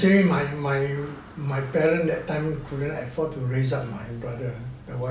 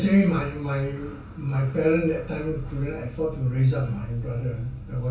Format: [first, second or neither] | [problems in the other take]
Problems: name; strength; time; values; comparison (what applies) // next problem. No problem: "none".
first | room echo; dies away in 0.2 s